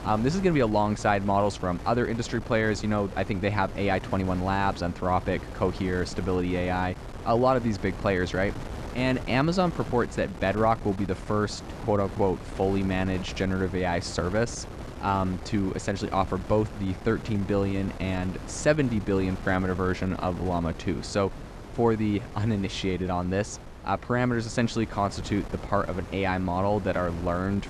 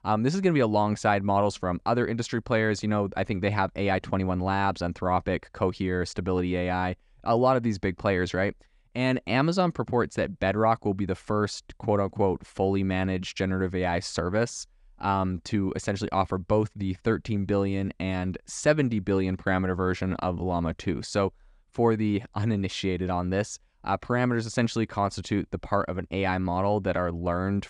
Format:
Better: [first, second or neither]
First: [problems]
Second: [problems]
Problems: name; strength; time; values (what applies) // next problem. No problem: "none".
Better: second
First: wind noise on the microphone; occasional gusts; 15 dB below the speech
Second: none